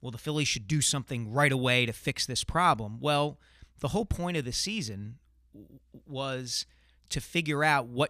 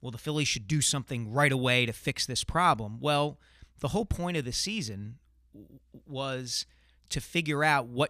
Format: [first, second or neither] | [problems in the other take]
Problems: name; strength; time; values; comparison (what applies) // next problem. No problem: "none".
neither | none